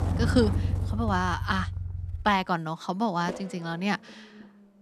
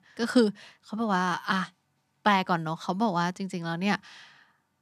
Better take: second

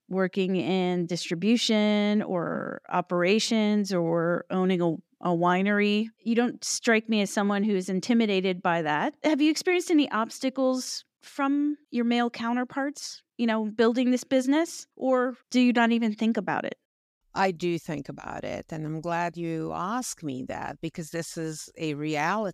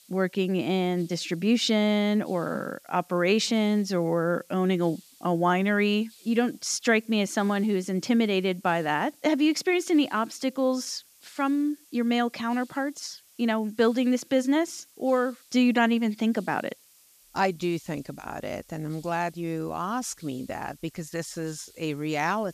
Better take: first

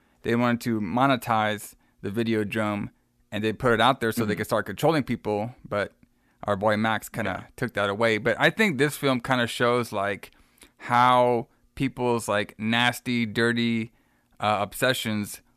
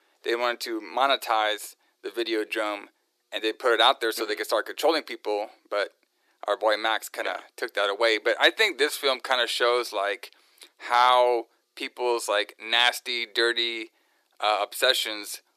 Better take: first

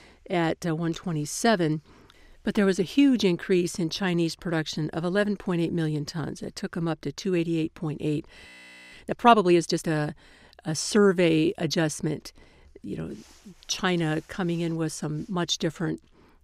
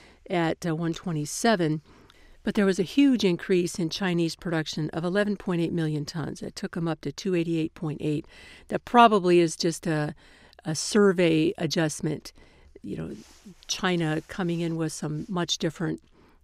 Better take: second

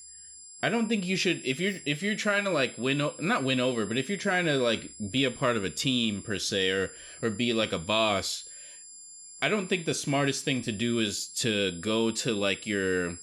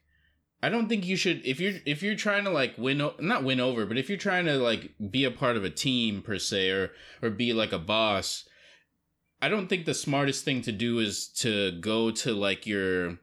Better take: second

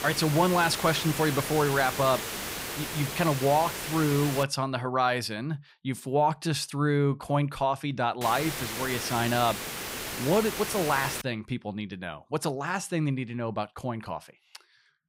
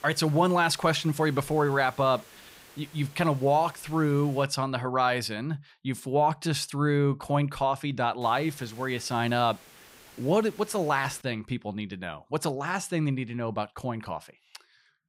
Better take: second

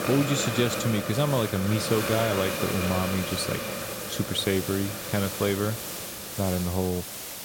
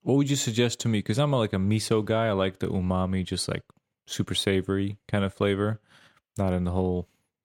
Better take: second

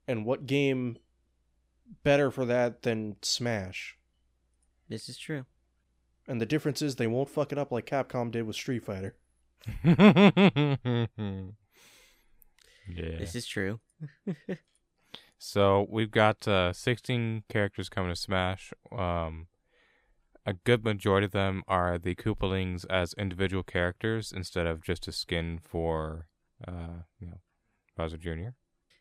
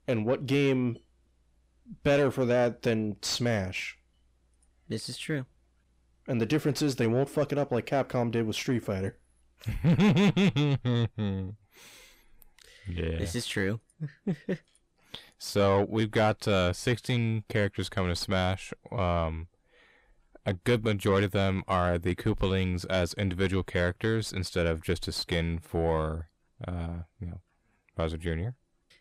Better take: first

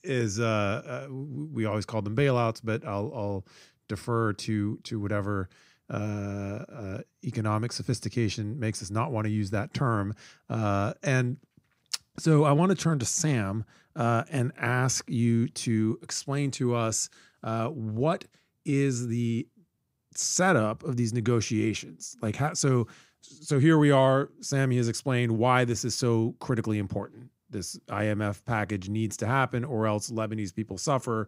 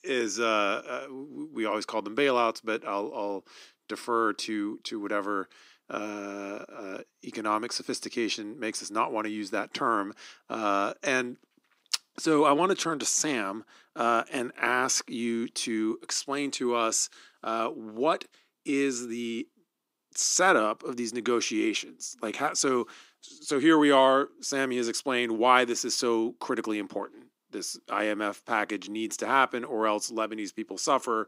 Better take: first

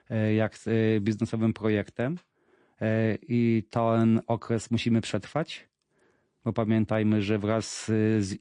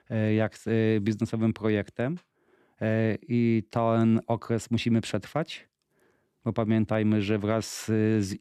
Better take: second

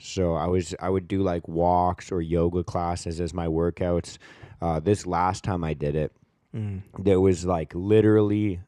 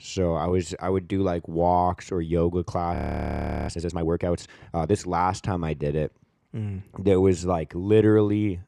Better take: first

